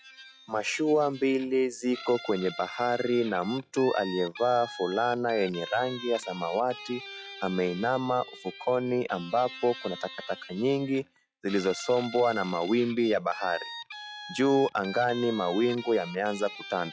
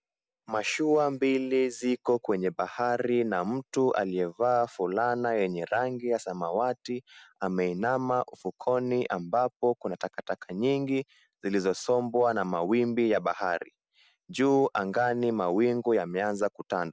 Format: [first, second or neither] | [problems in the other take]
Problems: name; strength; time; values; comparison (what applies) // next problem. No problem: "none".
second | noise reduction (classical method log-MMSE)